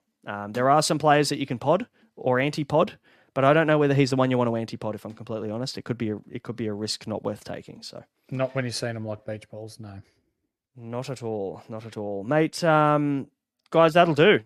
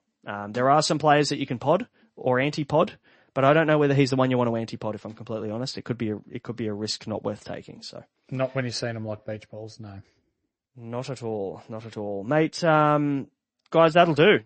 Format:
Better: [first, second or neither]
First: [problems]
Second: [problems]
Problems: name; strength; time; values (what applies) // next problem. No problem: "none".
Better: first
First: none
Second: garbled, watery; slightly; nothing above 8 kHz